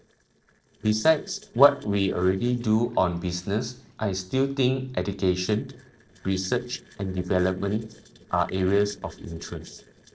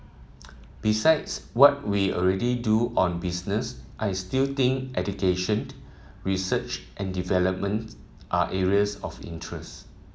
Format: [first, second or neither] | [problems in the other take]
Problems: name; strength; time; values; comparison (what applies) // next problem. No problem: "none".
second | noise reduction (neural separator model SepFormer DNS4)